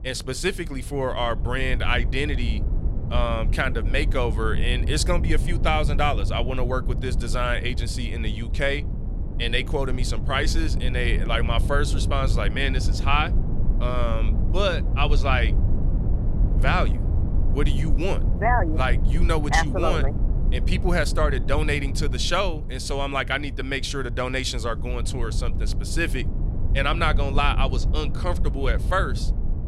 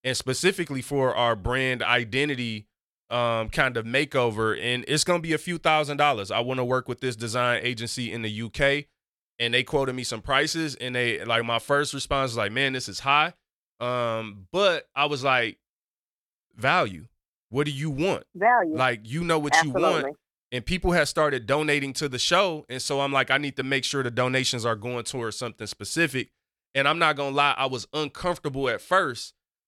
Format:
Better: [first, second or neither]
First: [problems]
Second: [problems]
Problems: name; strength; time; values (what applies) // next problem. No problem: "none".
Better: second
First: low rumble; noticeable; throughout; 15 dB below the speech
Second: none